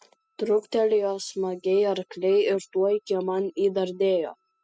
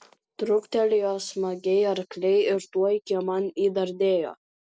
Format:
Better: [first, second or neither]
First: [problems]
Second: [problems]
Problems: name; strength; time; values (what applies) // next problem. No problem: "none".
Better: second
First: noise reduction (classical method spectral subtraction)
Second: none